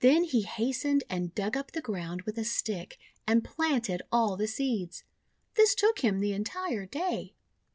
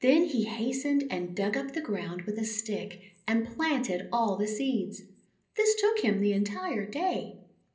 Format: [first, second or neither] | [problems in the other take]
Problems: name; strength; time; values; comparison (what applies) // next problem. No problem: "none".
first | room echo; dies away in 0.5 s